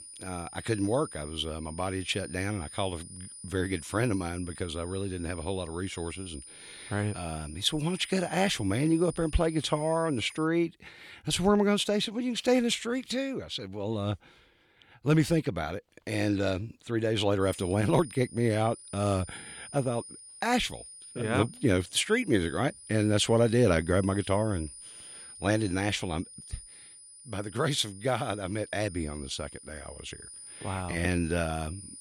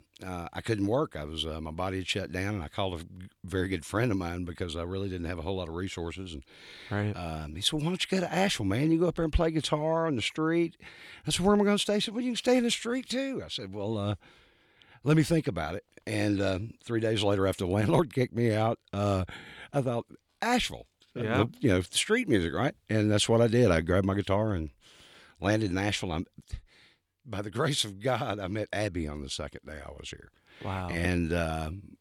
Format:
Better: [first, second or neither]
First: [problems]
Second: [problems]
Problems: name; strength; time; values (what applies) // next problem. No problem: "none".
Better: second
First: high-pitched whine; noticeable; until 10 s and from 17 s on; 9.5 kHz, 15 dB below the speech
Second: none